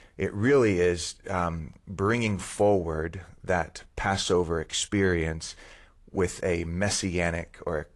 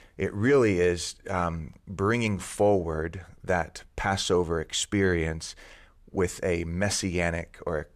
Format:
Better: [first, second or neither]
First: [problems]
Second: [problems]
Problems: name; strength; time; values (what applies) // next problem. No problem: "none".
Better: second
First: garbled, watery; slightly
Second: none